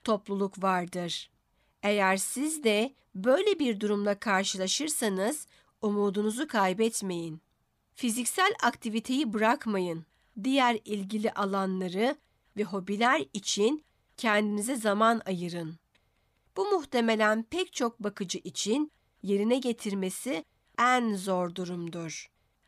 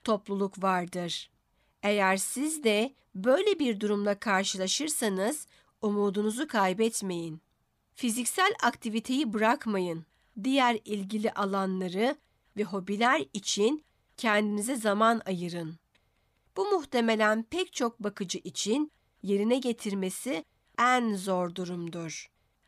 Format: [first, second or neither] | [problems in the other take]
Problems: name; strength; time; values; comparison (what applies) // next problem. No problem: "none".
neither | none